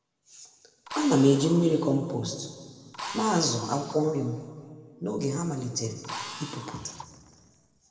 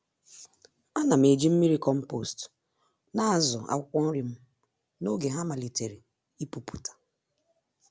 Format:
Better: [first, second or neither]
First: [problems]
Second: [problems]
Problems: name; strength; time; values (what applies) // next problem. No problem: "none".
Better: second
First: background sound (Drill); 13 dB below the speech // room echo; dies away in 1.9 s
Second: none